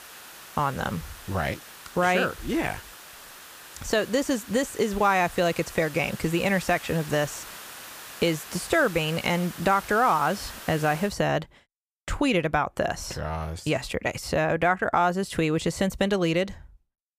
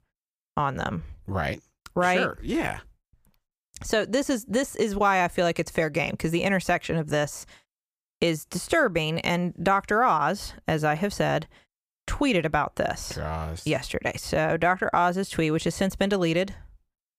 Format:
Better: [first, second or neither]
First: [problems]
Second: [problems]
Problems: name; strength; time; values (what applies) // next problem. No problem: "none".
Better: second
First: hiss; noticeable; until 11 s; 15 dB below the speech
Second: none